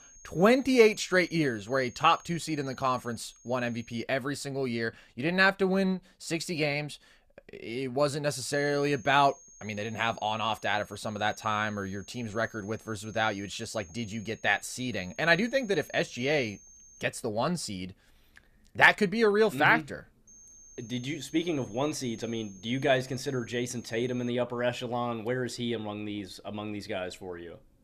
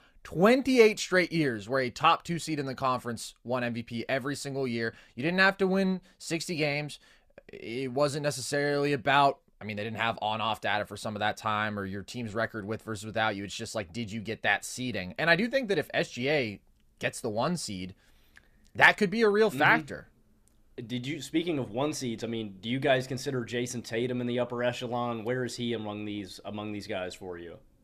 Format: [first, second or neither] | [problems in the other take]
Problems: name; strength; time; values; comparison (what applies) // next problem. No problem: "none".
second | high-pitched whine; faint; until 4 s, from 8.5 to 17 s and from 20 to 24 s; 6.5 kHz, 25 dB below the speech